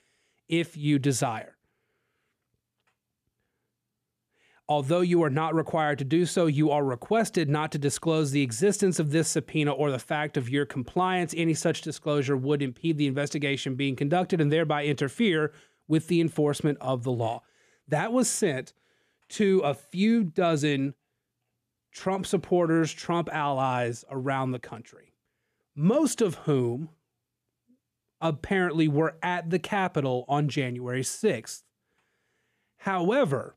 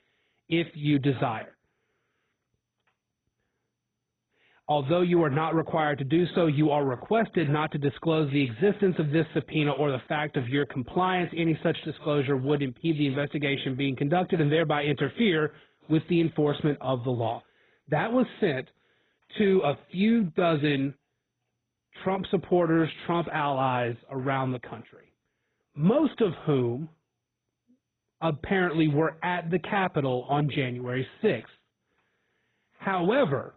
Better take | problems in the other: first | garbled, watery; badly; nothing above 4 kHz

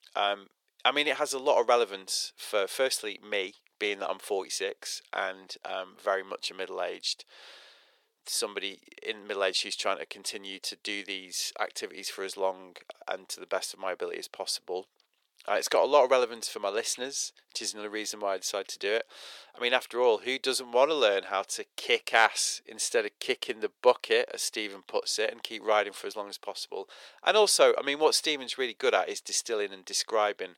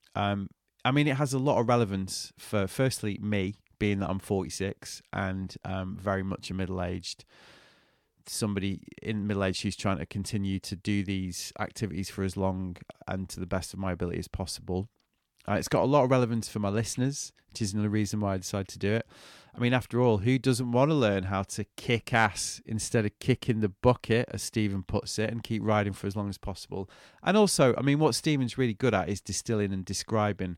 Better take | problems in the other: second | thin; very; fading below 450 Hz

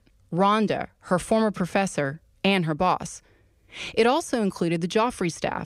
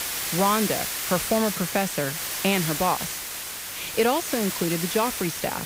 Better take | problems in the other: first | hiss; loud; throughout; 2 dB below the speech

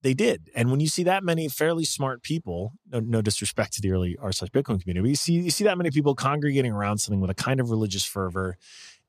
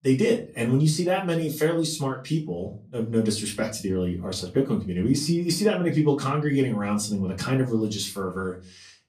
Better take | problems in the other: first | off-mic speech; far // room echo; very slight; dies away in 0.3 s

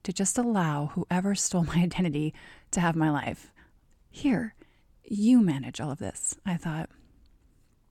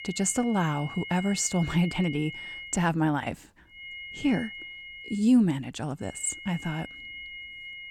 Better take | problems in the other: first | high-pitched whine; noticeable; until 2.5 s, from 4 to 5 s and from 6 s on; 2 kHz, 10 dB below the speech

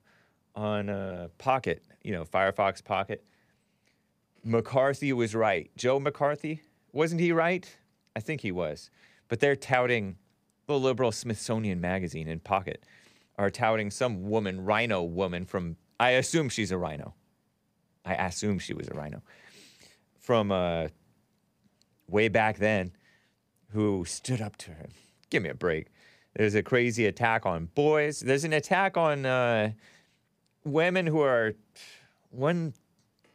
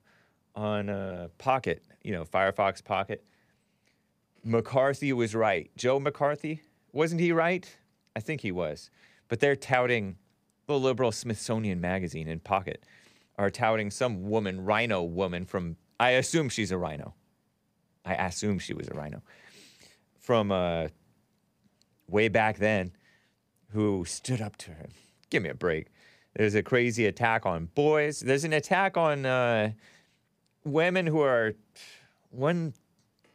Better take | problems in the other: neither | none

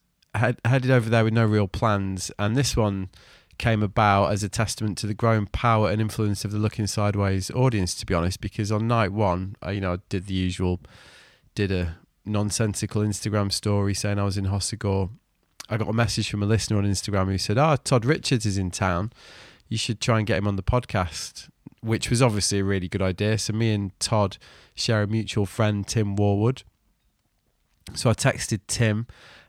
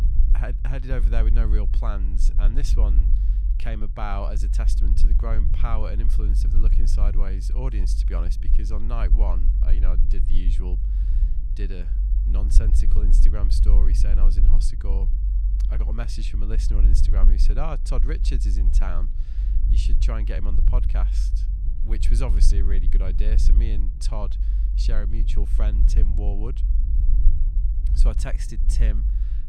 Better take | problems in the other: first | low rumble; loud; throughout; 8 dB below the speech

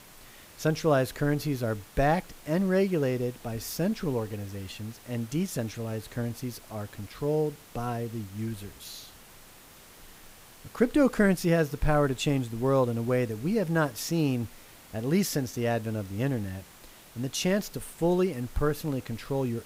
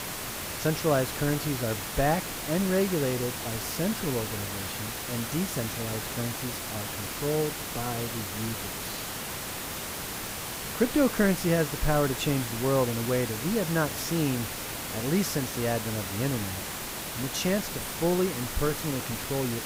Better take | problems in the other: first | hiss; loud; throughout; 4 dB below the speech; faint in the first

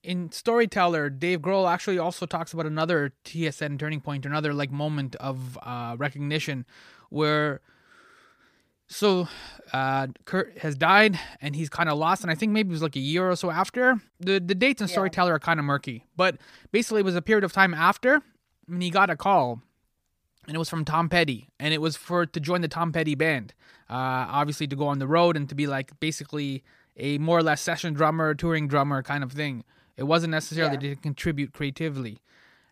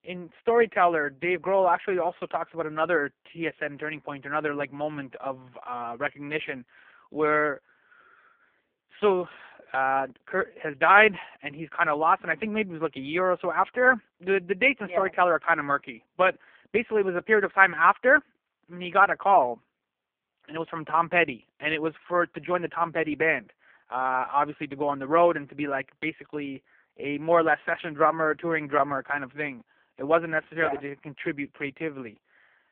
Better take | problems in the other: first | phone-call audio; poor line

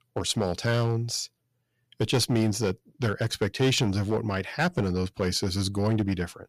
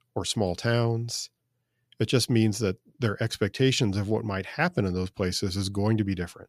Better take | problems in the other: second | distortion; slight; 5% of the sound clipped

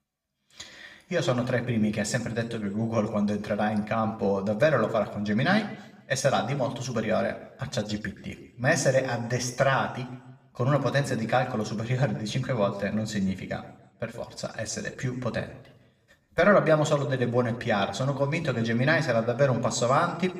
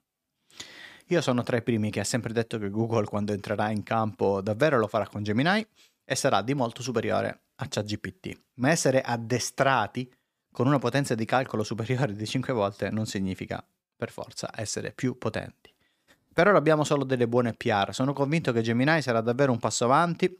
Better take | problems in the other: second | room echo; slight; dies away in 0.6 s // off-mic speech; somewhat distant

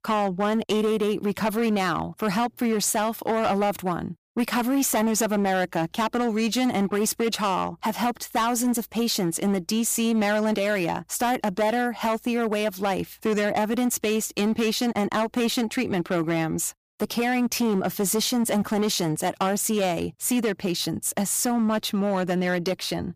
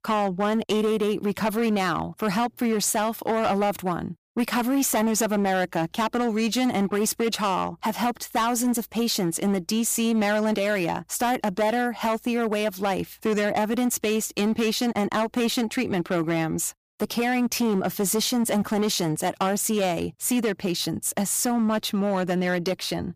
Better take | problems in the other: neither | distortion; slight; 13% of the sound clipped; the same in both

